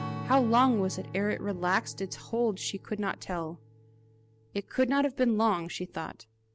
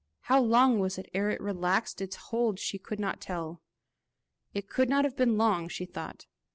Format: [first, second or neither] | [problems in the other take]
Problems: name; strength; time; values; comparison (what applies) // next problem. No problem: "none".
second | background sound (Strum); 14 dB below the speech